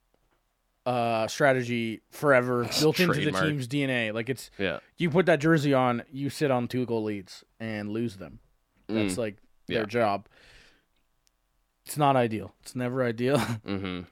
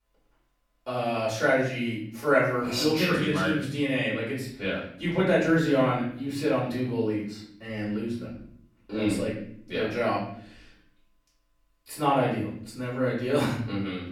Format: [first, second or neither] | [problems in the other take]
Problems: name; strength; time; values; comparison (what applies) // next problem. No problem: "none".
first | room echo; noticeable; dies away in 0.6 s // off-mic speech; far